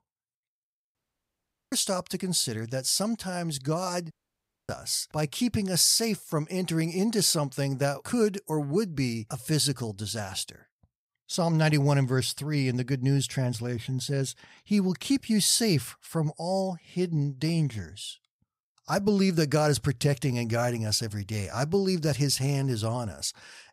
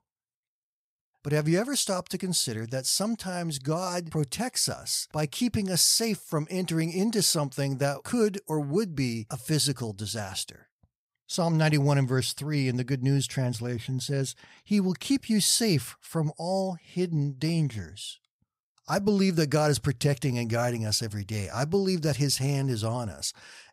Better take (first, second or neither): second